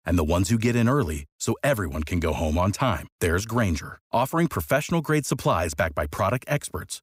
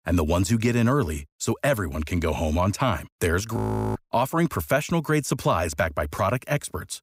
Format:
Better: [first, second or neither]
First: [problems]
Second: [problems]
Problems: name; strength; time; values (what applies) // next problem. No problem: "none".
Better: first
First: none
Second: audio freezing; at 3.5 s